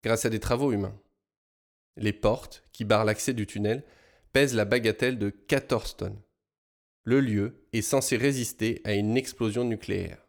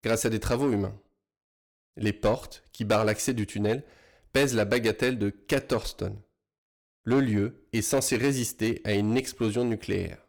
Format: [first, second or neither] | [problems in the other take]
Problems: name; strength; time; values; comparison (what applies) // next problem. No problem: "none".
first | distortion; slight; 5% of the sound clipped